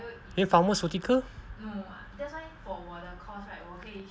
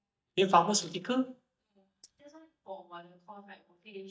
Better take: first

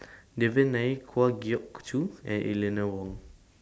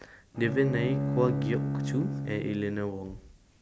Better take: first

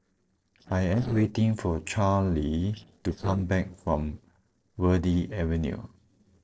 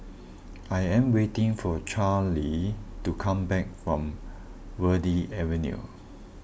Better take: second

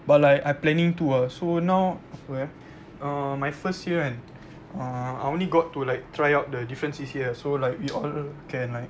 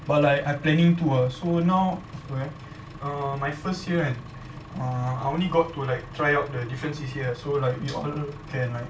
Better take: first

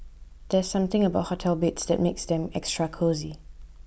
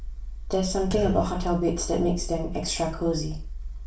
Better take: first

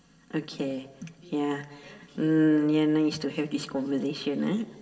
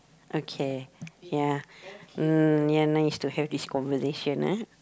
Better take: second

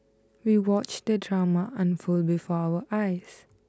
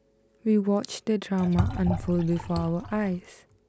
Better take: first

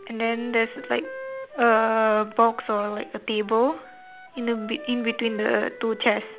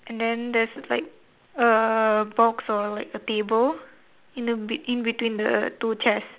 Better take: second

